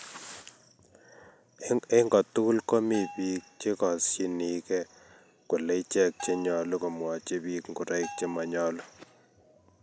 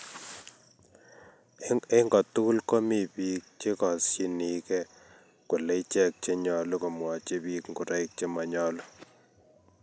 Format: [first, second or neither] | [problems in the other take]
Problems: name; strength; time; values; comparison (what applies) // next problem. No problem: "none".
second | background sound (Bell); 18 dB below the speech